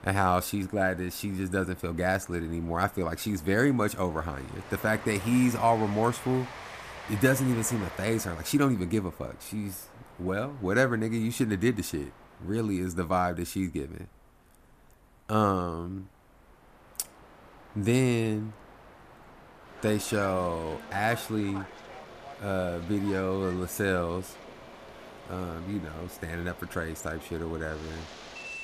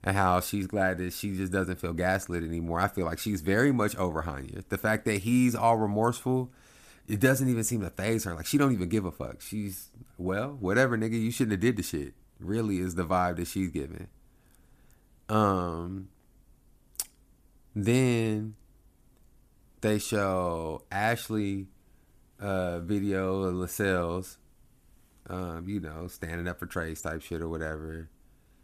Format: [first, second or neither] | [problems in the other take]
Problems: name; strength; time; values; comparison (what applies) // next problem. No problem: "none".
second | train or aircraft noise; noticeable; throughout; 15 dB below the speech